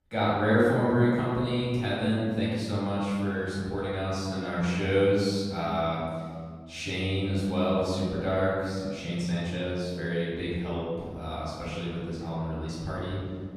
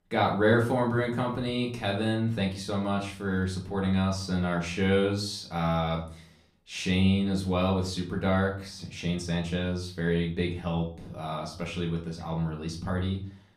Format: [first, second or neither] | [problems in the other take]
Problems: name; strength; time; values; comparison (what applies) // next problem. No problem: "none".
second | room echo; strong; dies away in 1.9 s; slight in the second // off-mic speech; far; far in the second